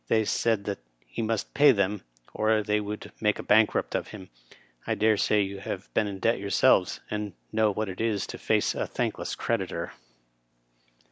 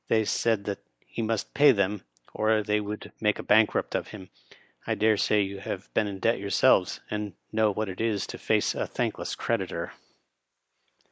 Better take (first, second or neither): first